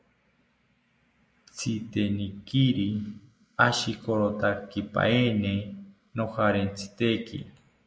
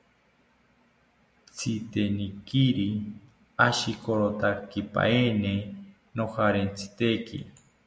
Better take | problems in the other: second | noise reduction (neural mask model Resemble Enhance denoiser)

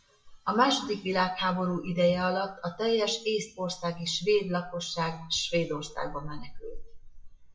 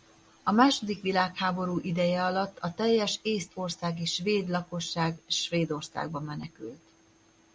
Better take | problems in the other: second | noise reduction (classical method WPE with log-MMSE)

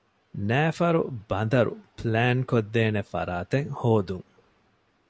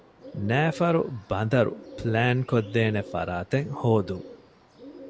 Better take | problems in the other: first | background sound (Bird); 17 dB below the speech

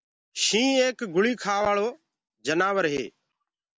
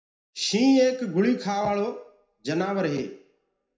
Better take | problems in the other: first | room echo; dies away in 0.5 s

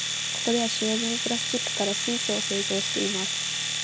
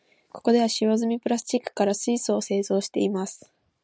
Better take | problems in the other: second | background sound (Domestic sounds, home sounds); 2 dB above the speech

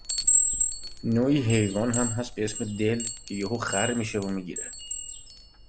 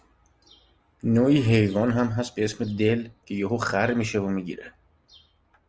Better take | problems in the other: second | background sound (Chime); as loud as the speech

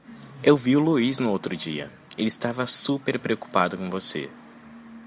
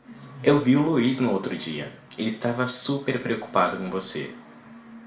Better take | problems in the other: first | room echo; dies away in 0.4 s

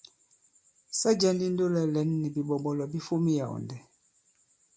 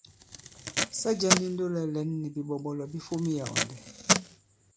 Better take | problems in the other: first | background sound (Packing tape, duct tape); 1 dB above the speech

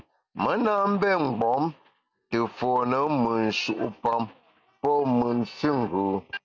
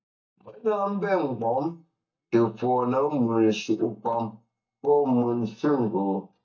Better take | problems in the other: first | noise reduction (neural mask model DeepFilterNet 3)

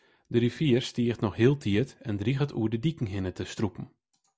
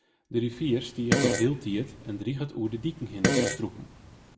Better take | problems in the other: first | background sound (Fart); 1 dB above the speech // room echo; dies away in 1.5 s

